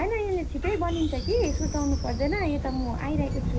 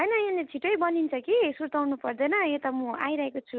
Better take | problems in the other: second | background sound (Train); 1 dB below the speech // room echo; dies away in 0.5 s

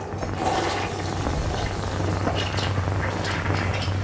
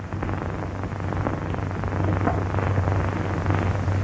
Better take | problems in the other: second | background sound (Toilet flush); 3 dB below the speech

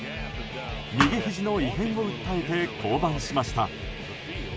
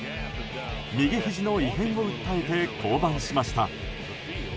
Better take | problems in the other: second | background sound (Thump, thud); 1 dB above the speech

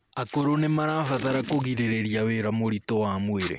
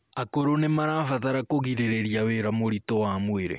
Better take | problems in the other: second | background sound (Packing tape, duct tape); 17 dB below the speech

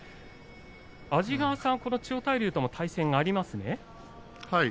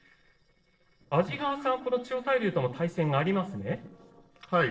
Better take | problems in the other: first | noise reduction (neural separator model SepFormer DNS4)

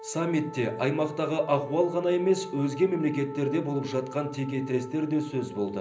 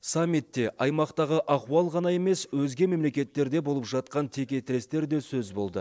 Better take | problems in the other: second | background sound (Wind instrument, woodwind instrument); 15 dB below the speech // room echo; dies away in 0.5 s

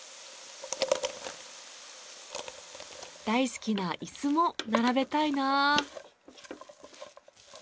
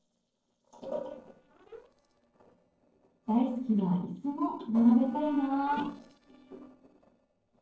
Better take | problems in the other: first | noise reduction (neural separator model SepFormer DNS4)

